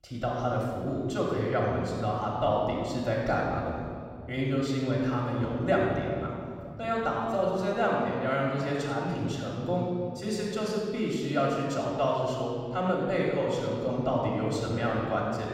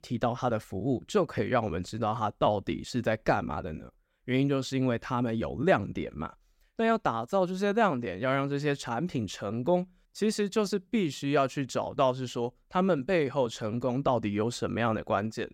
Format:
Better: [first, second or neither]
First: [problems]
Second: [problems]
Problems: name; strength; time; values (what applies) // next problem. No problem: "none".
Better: second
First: off-mic speech; far // room echo; noticeable; dies away in 2.3 s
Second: none